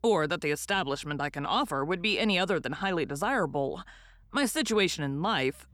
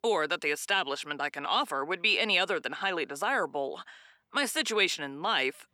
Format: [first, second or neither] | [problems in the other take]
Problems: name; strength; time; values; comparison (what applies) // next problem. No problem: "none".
first | thin; somewhat; fading below 350 Hz